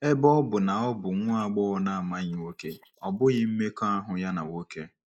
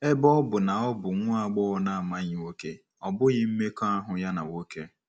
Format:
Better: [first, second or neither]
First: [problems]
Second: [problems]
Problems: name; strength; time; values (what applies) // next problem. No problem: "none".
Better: second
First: noise reduction (neural mask model Resemble Enhance denoiser)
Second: none